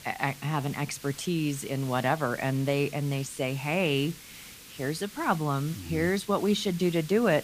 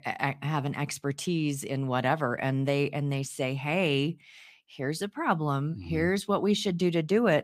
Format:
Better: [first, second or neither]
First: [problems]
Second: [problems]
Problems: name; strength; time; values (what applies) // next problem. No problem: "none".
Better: second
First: hiss; noticeable; throughout; 15 dB below the speech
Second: none